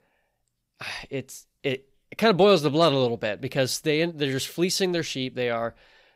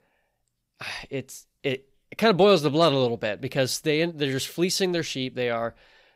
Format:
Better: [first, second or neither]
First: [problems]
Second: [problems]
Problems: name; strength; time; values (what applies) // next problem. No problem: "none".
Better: neither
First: none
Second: none